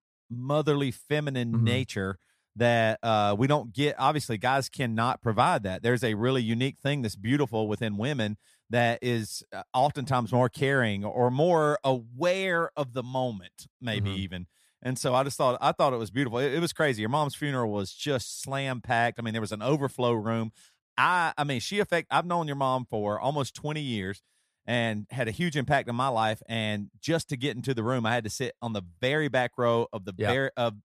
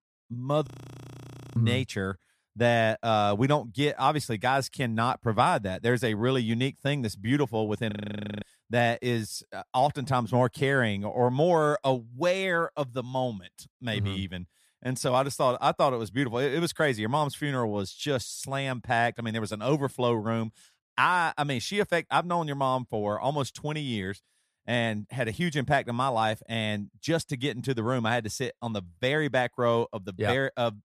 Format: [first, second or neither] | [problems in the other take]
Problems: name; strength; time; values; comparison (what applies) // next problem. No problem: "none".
first | audio freezing; at 0.5 s for 1 s and at 8 s for 0.5 s